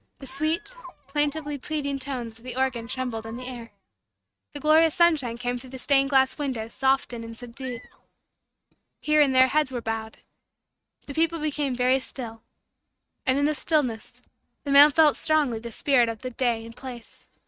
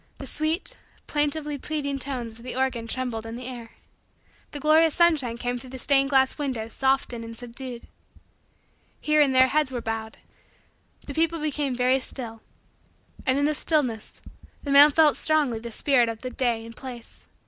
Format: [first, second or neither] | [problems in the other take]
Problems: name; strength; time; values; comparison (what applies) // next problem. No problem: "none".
second | noise reduction (neural mask model RNNoise)